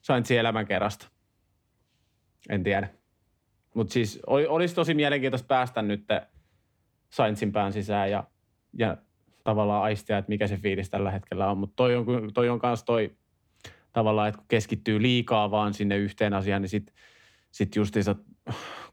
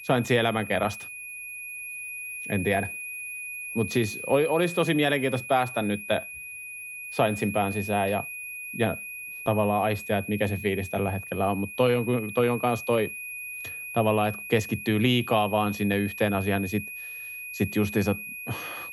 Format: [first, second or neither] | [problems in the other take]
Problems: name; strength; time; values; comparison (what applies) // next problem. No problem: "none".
first | high-pitched whine; loud; throughout; 2.5 kHz, 9 dB below the speech